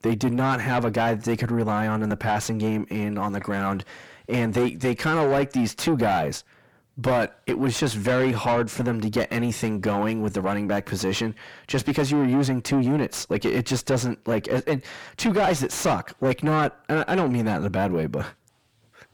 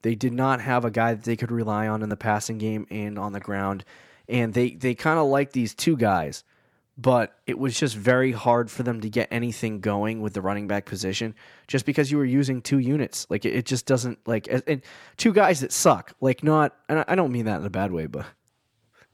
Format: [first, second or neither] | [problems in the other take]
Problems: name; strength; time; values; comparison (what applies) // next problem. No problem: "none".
second | distortion; heavy; 5 dB below the speech